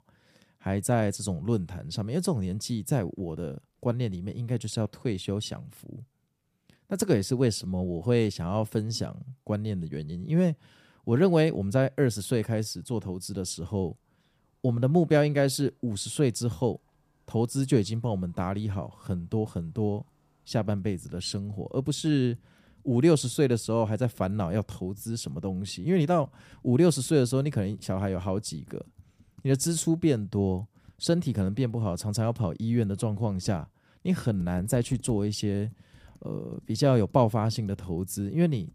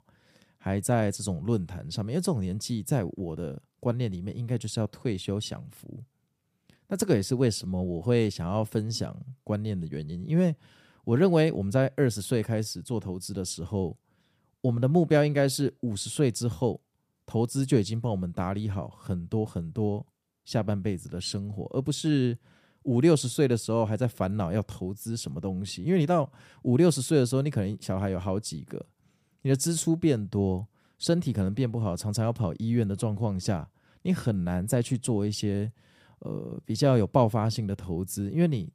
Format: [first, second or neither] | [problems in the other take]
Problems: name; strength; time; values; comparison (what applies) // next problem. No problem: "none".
second | household noises; faint; throughout; 30 dB below the speech